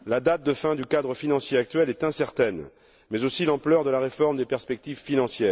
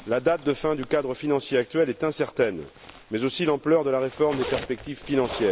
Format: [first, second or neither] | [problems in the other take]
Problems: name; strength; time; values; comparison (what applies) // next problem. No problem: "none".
first | background sound (Zipper (clothing)); 16 dB below the speech